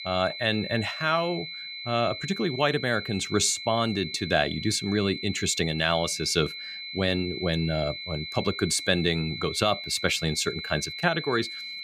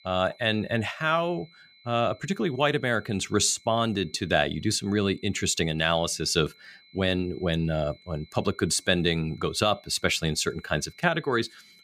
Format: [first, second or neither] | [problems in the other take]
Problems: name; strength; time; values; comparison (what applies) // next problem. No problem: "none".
second | high-pitched whine; loud; throughout; 4 kHz, 8 dB below the speech; faint in the second